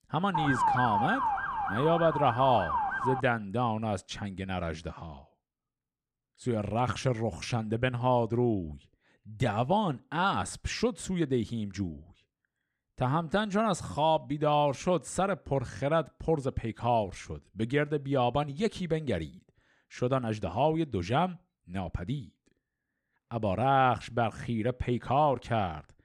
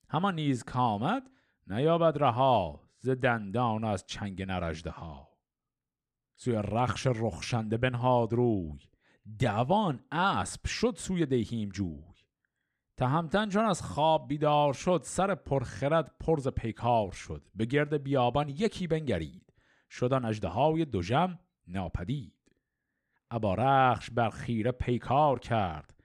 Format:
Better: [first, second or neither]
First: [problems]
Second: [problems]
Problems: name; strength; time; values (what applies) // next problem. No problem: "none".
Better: second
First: siren; loud; until 3 s; peak 3 dB above the speech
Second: none